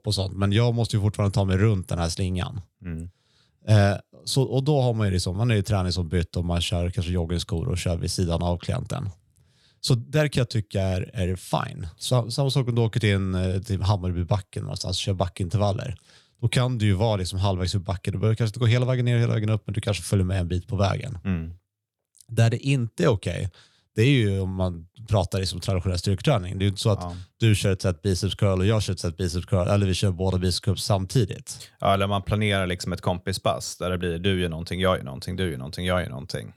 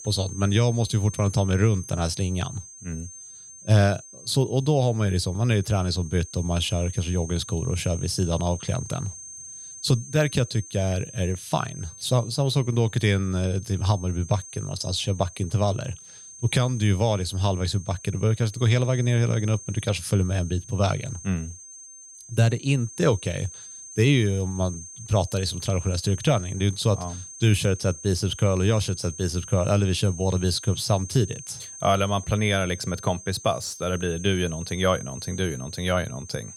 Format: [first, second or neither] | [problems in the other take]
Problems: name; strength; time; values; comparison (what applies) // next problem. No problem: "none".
first | high-pitched whine; noticeable; throughout; 6.5 kHz, 15 dB below the speech